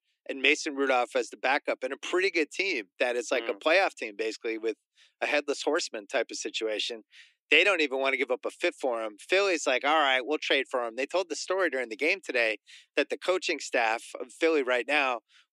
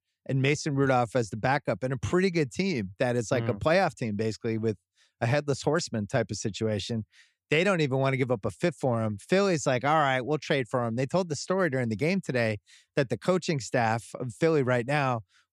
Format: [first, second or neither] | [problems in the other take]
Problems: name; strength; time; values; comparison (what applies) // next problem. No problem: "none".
second | thin; somewhat; fading below 300 Hz